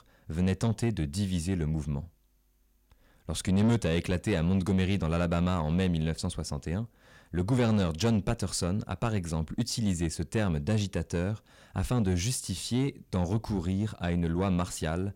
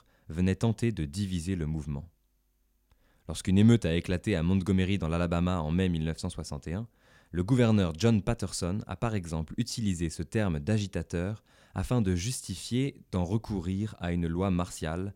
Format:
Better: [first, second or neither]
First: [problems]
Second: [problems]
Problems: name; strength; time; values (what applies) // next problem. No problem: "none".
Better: second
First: distortion; slight; 10 dB below the speech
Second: none